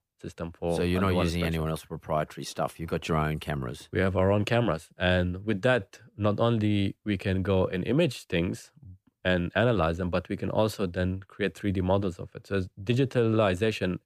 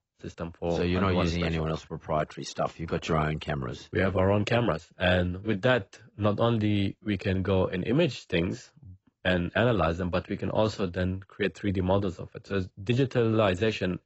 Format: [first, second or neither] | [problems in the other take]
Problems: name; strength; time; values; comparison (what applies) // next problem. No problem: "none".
first | garbled, watery; badly; nothing above 8 kHz